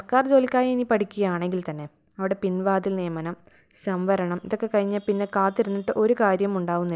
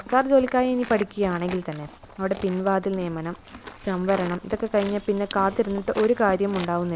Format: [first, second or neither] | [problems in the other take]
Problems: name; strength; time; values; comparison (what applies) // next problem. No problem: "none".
first | background sound (Livestock, farm animals, working animals); 16 dB below the speech